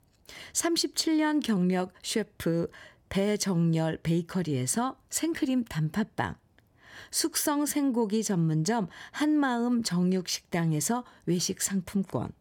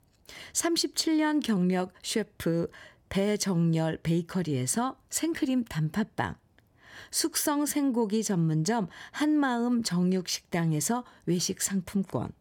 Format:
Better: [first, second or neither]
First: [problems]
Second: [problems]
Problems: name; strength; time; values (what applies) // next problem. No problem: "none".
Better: neither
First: none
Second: none